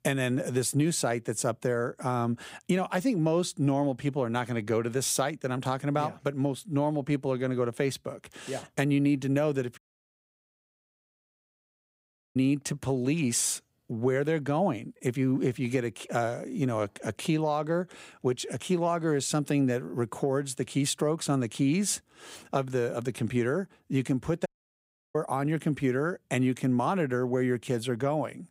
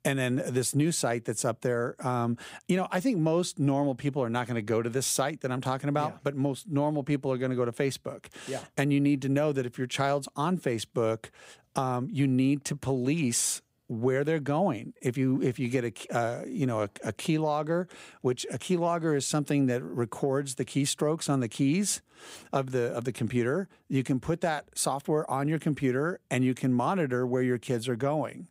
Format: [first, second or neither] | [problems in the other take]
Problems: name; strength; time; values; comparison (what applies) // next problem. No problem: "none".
second | audio cutting out; at 10 s for 2.5 s and at 24 s for 0.5 s